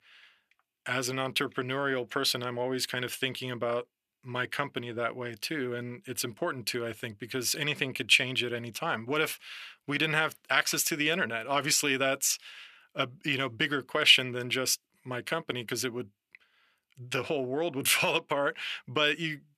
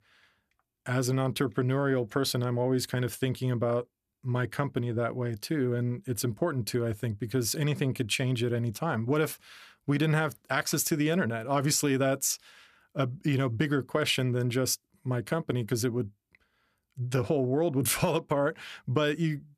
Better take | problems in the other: second | thin; somewhat; fading below 450 Hz

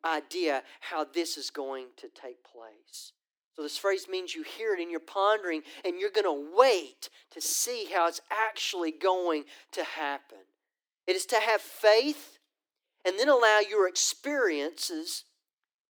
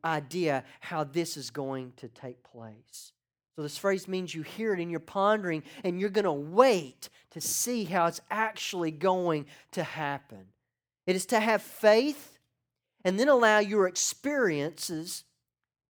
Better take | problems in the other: second | thin; somewhat; fading below 300 Hz

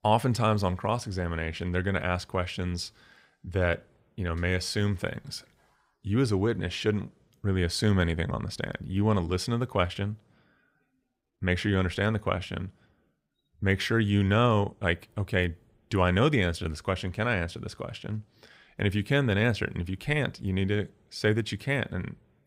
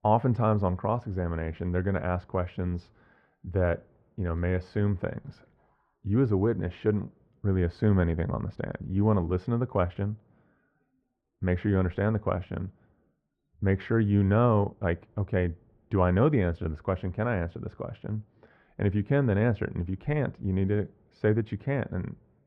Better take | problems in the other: first | muffled; very; fading above 3.5 kHz

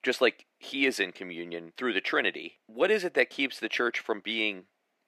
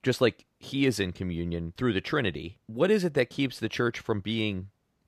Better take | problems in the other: second | thin; somewhat; fading below 250 Hz

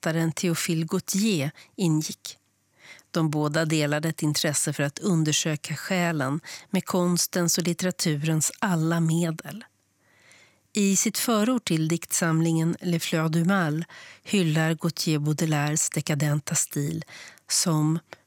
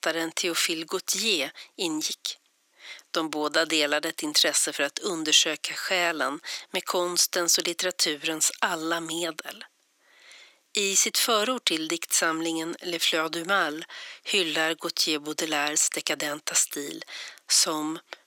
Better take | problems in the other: first | thin; very; fading below 350 Hz

